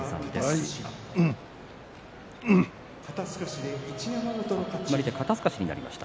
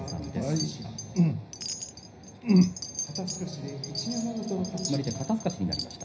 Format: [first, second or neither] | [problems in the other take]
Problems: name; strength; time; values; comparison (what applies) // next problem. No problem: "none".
first | background sound (Wind chime); 11 dB below the speech // room echo; dies away in 0.5 s